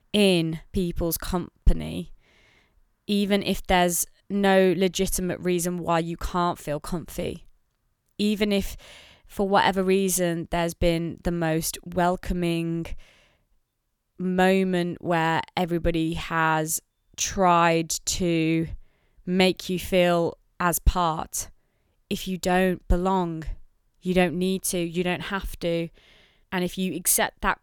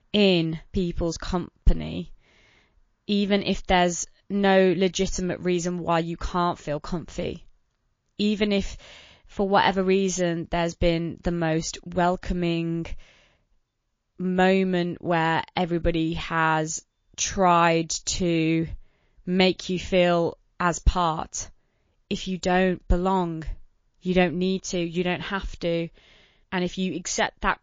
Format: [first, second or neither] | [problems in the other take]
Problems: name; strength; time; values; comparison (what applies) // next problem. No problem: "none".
first | garbled, watery; slightly